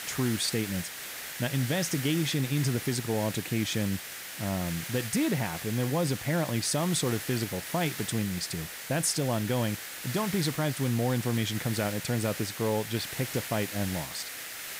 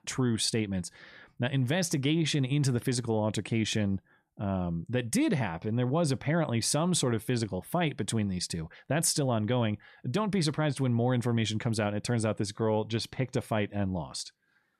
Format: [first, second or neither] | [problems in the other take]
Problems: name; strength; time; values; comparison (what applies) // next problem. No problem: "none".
second | hiss; loud; throughout; 7 dB below the speech